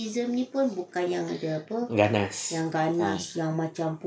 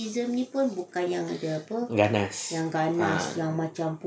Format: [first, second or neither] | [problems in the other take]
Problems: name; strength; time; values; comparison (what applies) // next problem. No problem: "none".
second | noise reduction (neural mask model Resemble Enhance denoiser)